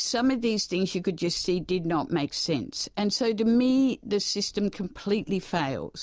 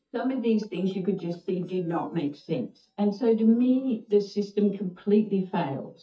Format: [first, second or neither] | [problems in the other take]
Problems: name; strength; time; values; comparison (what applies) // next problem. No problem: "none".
first | noise reduction (neural mask model DeepFilterNet 3)